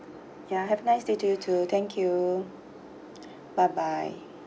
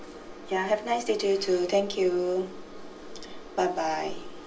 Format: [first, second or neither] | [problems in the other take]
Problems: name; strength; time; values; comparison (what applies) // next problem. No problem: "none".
first | background sound (Crumpling, crinkling); 15 dB below the speech // room echo; dies away in 0.2 s